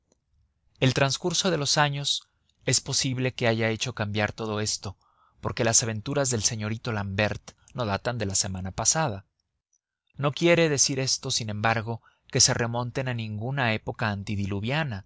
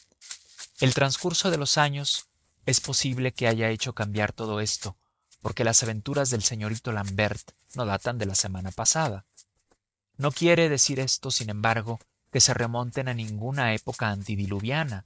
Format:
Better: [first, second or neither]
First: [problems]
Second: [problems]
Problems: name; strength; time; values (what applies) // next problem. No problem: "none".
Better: first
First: none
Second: noise reduction (neural mask model RNNoise)